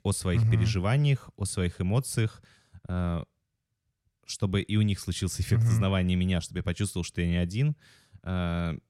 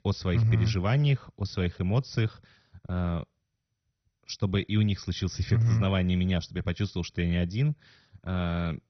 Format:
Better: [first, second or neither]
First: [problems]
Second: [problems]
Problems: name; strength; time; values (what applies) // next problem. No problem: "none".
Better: first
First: none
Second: garbled, watery; badly; nothing above 6 kHz